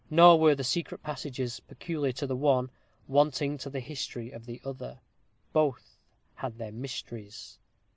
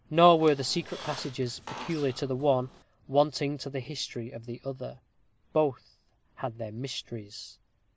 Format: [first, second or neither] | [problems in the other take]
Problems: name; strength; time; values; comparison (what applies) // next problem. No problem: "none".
first | background sound (Squeak); 15 dB below the speech